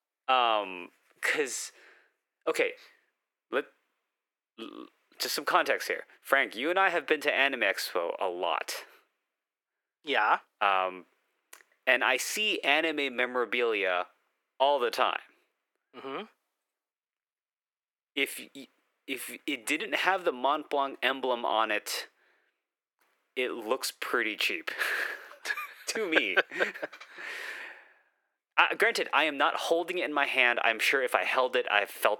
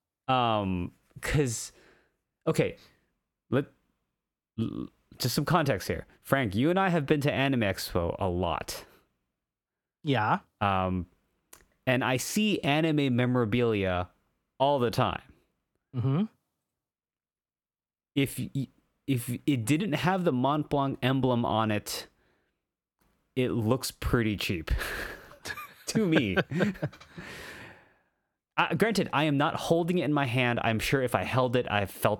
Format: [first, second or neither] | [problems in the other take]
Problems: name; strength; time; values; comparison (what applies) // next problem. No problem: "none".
second | thin; very; fading below 350 Hz